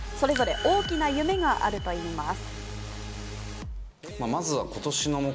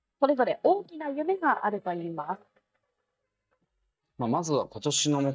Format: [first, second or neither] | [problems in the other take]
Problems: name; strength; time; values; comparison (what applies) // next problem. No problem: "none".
first | noise reduction (neural mask model DeepFilterNet 3)